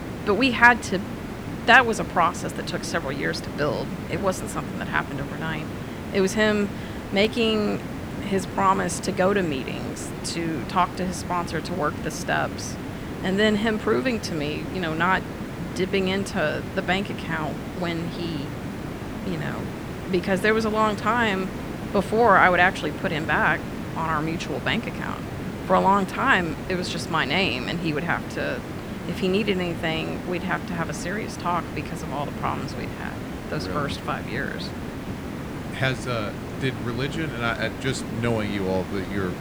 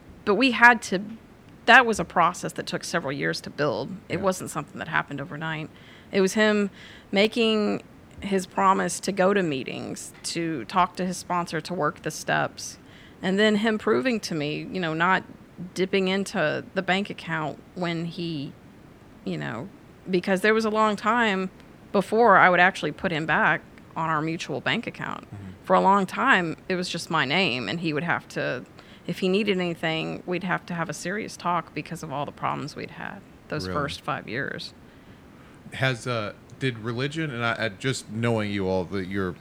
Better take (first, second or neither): second